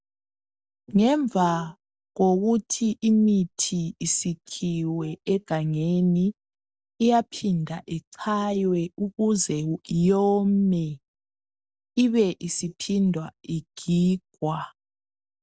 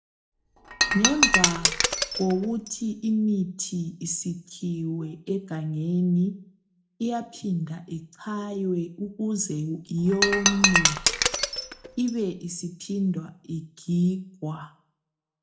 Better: first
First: none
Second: background sound (Shatter); 3 dB above the speech // room echo; dies away in 0.3 s

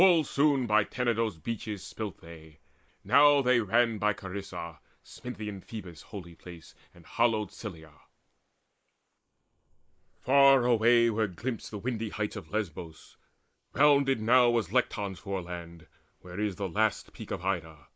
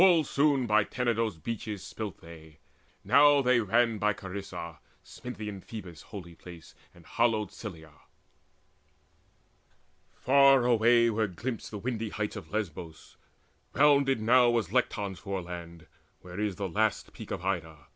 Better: second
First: noise reduction (neural mask model Resemble Enhance denoiser)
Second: none

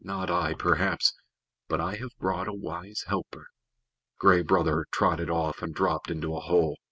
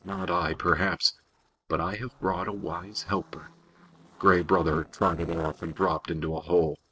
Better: first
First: none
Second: noise reduction (neural separator model SepFormer DNS4)

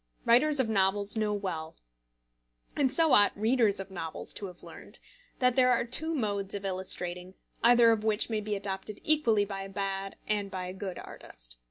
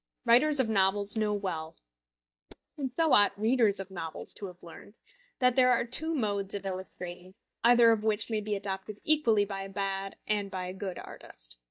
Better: first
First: none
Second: noise reduction (neural mask model DeepFilterNet 3)

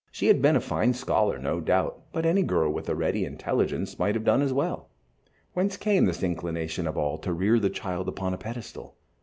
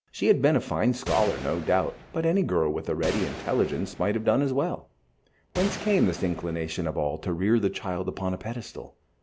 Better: first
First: none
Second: background sound (Gunshot, gunfire); 13 dB below the speech

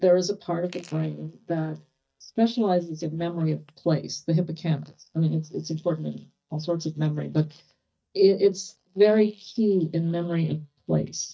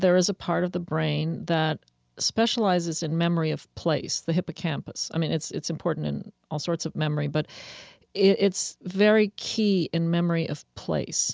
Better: second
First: noise reduction (neural mask model DeepFilterNet 3)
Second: none

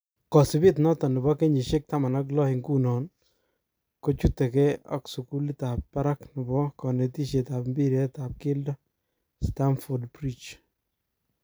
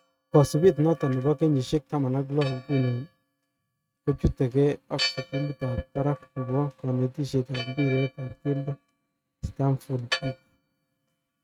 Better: first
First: none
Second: noise reduction (neural mask model RNNoise)

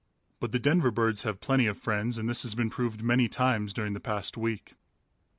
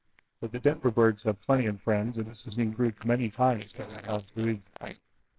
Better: first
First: none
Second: noise reduction (neural separator model SepFormer WHAMR!)

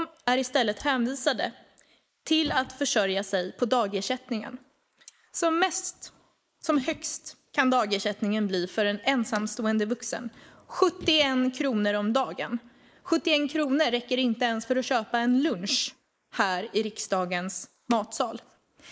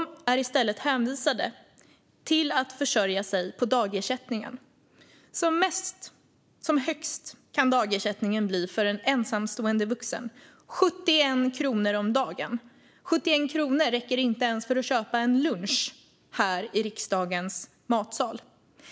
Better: second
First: noise reduction (neural mask model Resemble Enhance denoiser)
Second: none

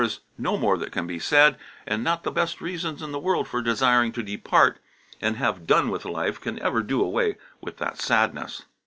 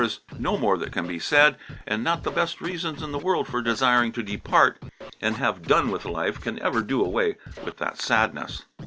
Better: first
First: none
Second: background sound (Scratching (performance technique)); 16 dB below the speech

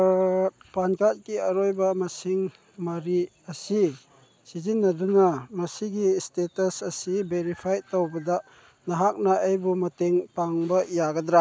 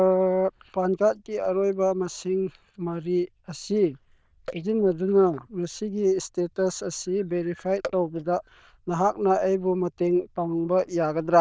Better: first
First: none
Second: noise reduction (neural diffusion model UNIVERSE++)

